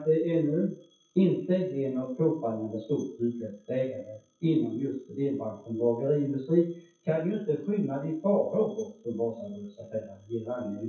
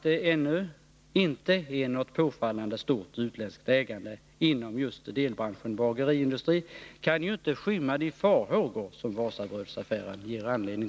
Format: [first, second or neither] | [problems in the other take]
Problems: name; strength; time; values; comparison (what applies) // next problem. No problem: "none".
second | noise reduction (classical method WPE with log-MMSE)